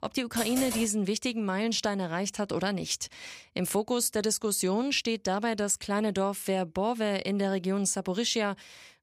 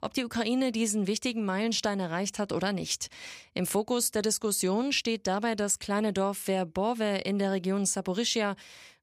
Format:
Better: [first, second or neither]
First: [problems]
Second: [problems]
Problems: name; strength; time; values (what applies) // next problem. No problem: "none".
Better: second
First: keyboard typing; noticeable; at 0.5 s; peak 4 dB below the speech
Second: none